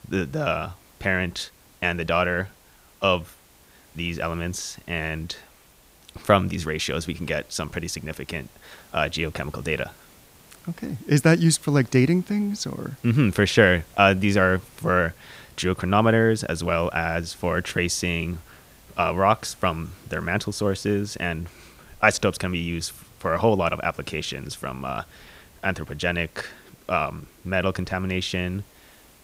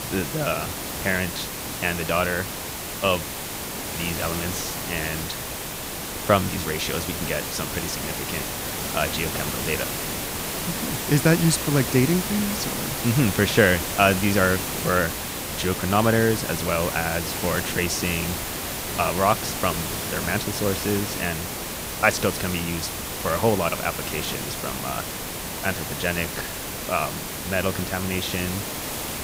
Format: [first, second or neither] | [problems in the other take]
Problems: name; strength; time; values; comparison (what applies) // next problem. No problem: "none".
first | hiss; loud; throughout; 3 dB below the speech; faint in the first